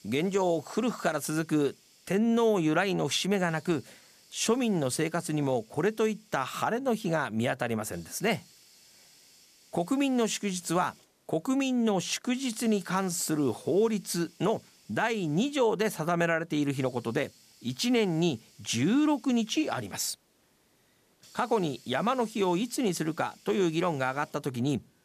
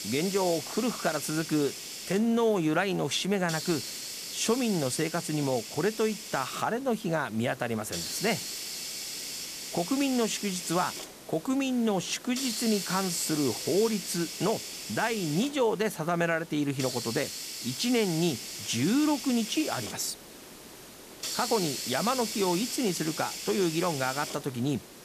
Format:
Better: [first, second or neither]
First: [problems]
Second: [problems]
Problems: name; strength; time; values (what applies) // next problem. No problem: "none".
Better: first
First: hiss; faint; throughout; 25 dB below the speech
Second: hiss; loud; throughout; 6 dB below the speech